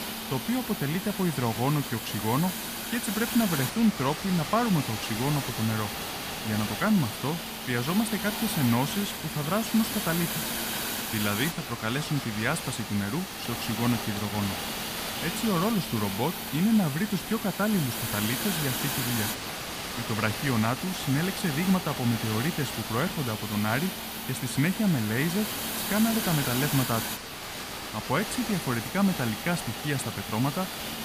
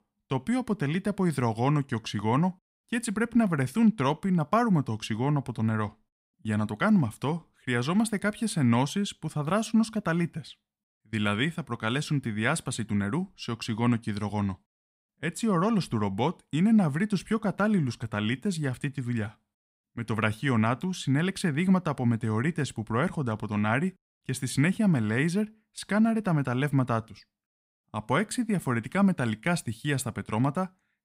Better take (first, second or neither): second